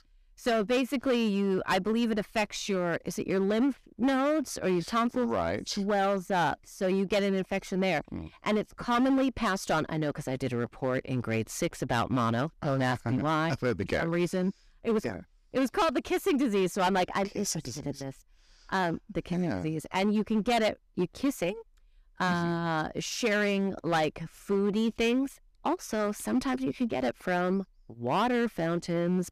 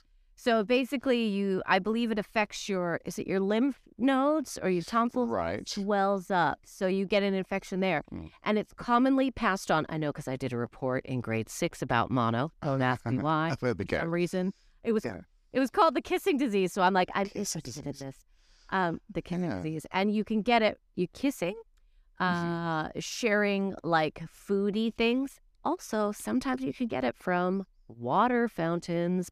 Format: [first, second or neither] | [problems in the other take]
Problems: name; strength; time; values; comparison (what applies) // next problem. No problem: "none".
second | distortion; slight; 8% of the sound clipped